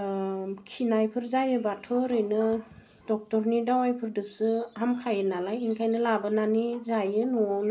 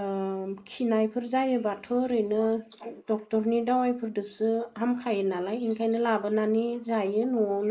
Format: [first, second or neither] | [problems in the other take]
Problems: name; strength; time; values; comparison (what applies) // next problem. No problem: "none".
first | noise reduction (neural mask model Resemble Enhance denoiser)